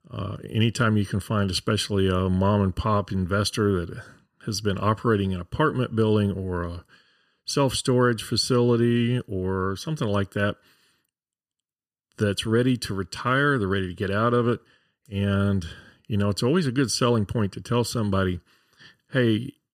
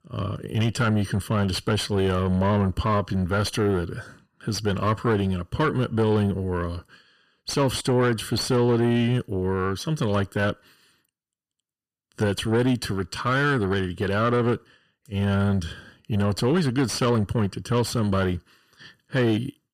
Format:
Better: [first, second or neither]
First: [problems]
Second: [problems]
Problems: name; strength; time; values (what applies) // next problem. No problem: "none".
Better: first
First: none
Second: distortion; slight; 10 dB below the speech